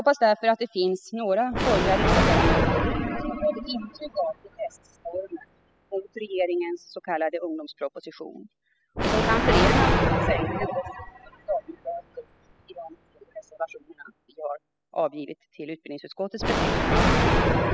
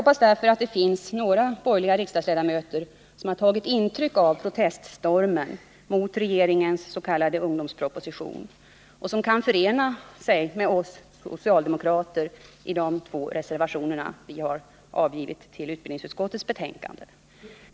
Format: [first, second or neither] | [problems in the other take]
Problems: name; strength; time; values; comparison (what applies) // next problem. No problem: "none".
second | noise reduction (classical method spectral subtraction)